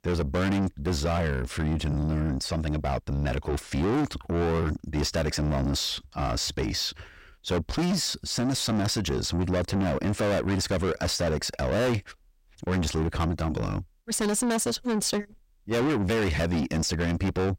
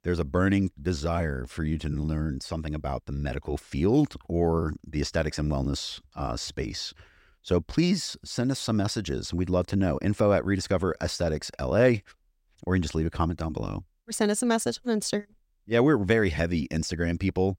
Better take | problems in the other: second | distortion; heavy; 6 dB below the speech

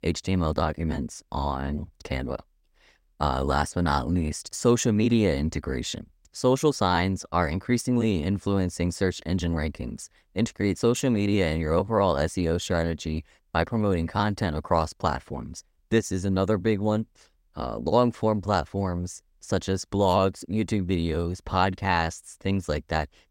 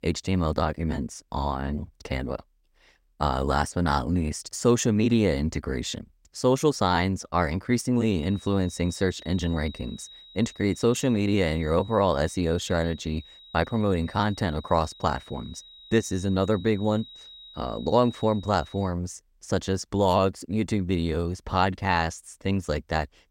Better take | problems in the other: first | high-pitched whine; noticeable; from 8 to 19 s; 4 kHz, 20 dB below the speech

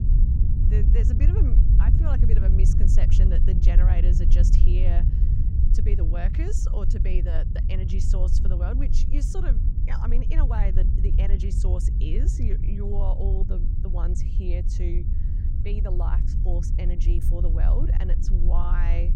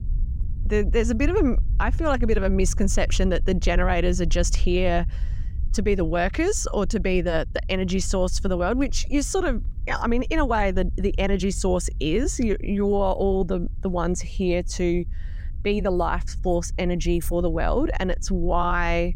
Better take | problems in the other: second | low rumble; loud; throughout; 2 dB below the speech; faint in the second

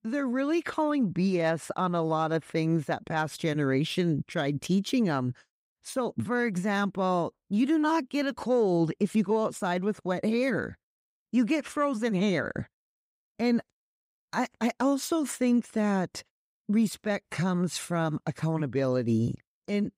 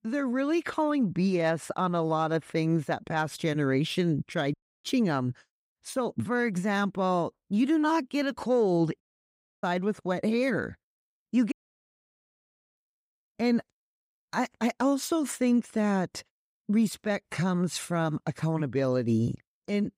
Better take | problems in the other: first | audio cutting out; at 4.5 s, at 9 s for 0.5 s and at 12 s for 1 s

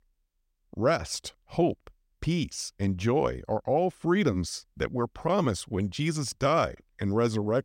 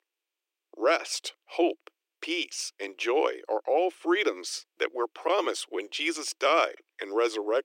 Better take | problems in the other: first | thin; very; fading below 300 Hz

